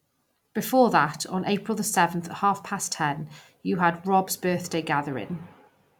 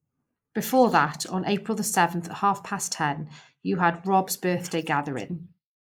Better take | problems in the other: first | noise reduction (neural mask model Resemble Enhance denoiser)

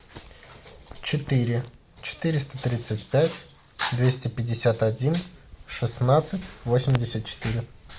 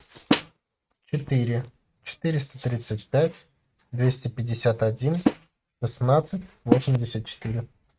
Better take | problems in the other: first | noise reduction (neural mask model RNNoise)

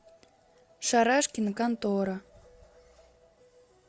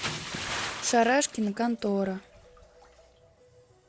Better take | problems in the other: first | background sound (Bathtub (filling or washing) / Splash, splatter); 10 dB below the speech

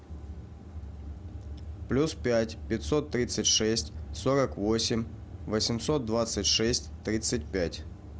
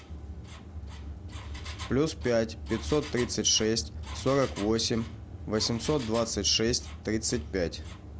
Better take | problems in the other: first | background sound (Engine); 18 dB below the speech

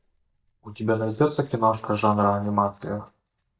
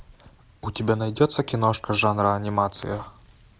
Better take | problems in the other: second | noise reduction (neural mask model DeepFilterNet 3)

